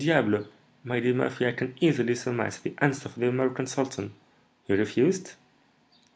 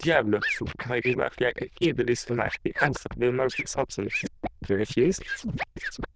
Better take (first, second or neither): first